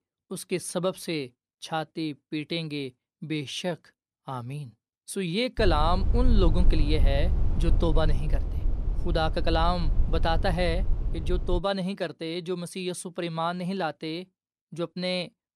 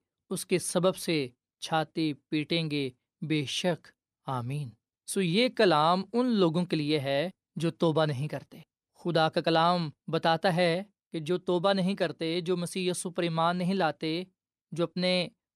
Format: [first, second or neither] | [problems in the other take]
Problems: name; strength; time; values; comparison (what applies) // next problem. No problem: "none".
second | low rumble; noticeable; from 5.5 to 12 s; 15 dB below the speech